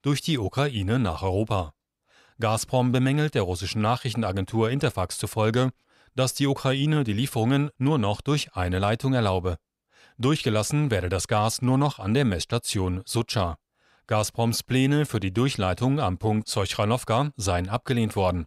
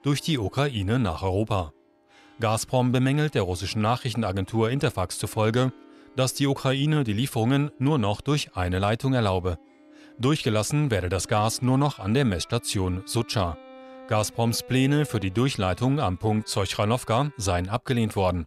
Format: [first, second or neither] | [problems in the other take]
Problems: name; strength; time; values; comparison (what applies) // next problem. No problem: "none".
first | background music; faint; throughout; 25 dB below the speech